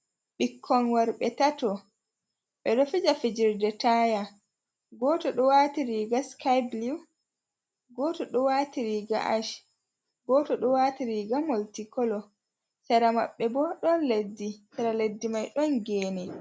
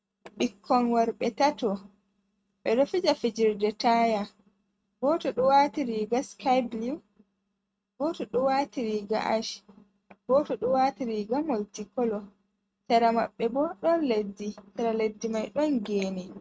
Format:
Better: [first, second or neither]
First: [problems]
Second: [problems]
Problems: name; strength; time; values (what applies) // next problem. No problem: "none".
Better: first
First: none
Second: noise reduction (neural mask model RNNoise)